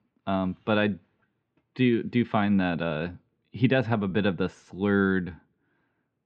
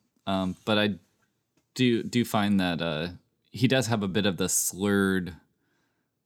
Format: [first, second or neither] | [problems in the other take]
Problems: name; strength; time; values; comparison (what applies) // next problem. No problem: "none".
second | muffled; very; fading above 3 kHz